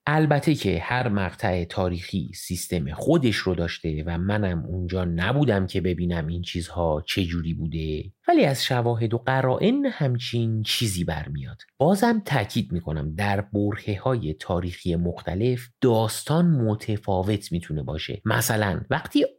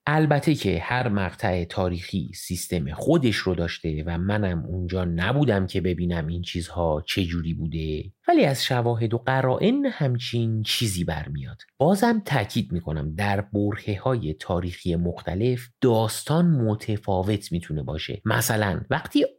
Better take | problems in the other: neither | none

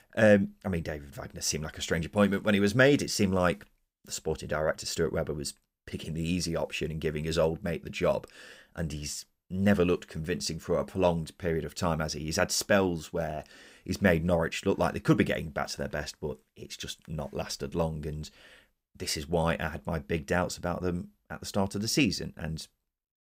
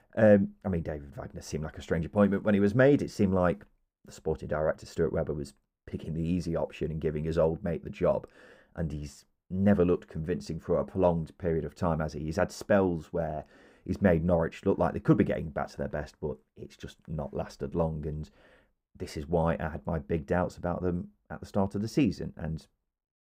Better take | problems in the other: first | muffled; slightly; fading above 2 kHz

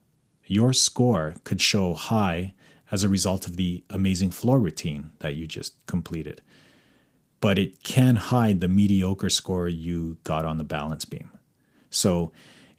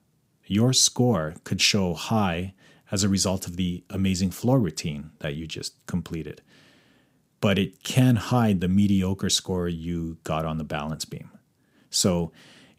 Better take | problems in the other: second | garbled, watery; slightly; nothing above 15.5 kHz

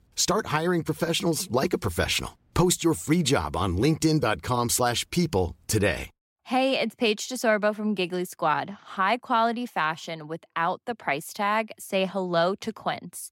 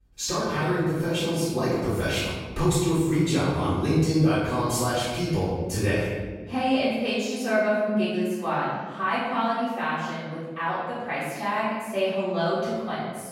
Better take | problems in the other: first | off-mic speech; far // room echo; strong; dies away in 1.5 s

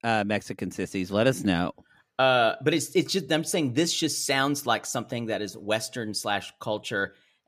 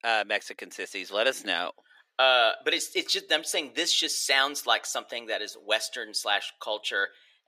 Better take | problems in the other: first | thin; very; fading below 450 Hz

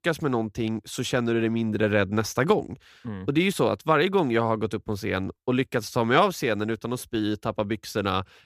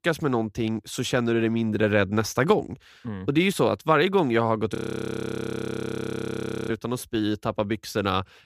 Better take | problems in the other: first | audio freezing; at 5 s for 2 s

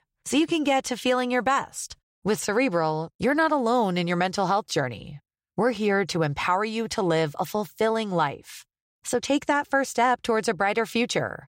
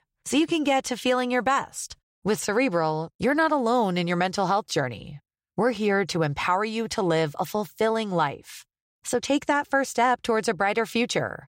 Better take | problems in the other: neither | none

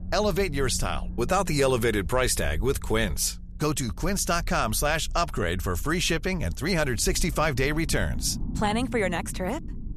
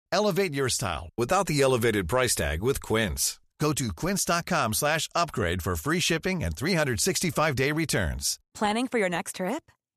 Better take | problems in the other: second | low rumble; faint; throughout; 25 dB below the speech

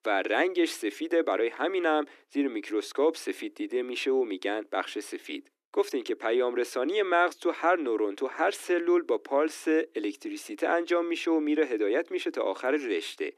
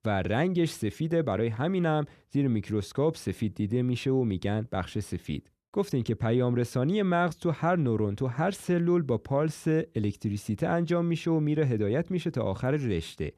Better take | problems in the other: second | thin; somewhat; fading below 300 Hz

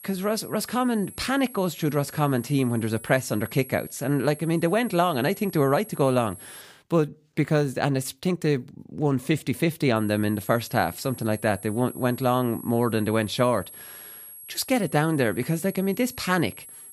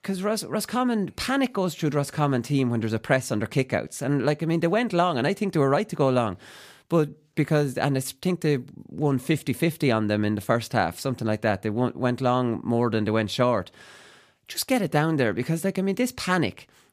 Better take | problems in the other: second | high-pitched whine; noticeable; until 6.5 s and from 10 s on; 11 kHz, 15 dB below the speech

